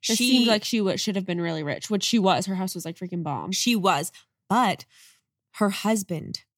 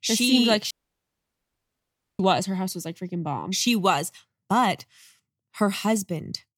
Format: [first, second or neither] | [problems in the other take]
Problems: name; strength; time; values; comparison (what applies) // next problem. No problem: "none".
first | audio cutting out; at 0.5 s for 1.5 s